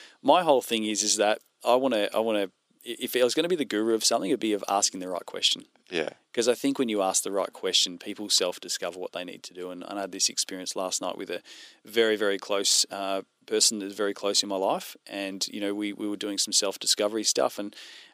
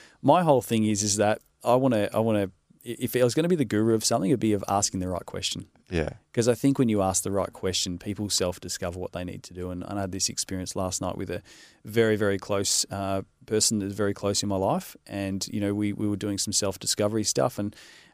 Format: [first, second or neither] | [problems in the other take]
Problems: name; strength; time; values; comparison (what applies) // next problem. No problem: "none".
second | thin; very slightly; fading below 300 Hz